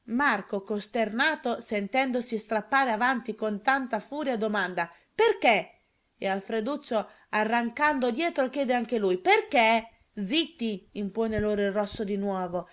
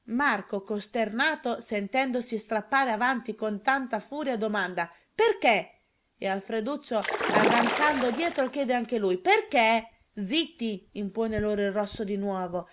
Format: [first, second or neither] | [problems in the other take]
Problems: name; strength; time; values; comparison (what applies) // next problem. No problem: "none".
first | background sound (Splash, splatter); 1 dB below the speech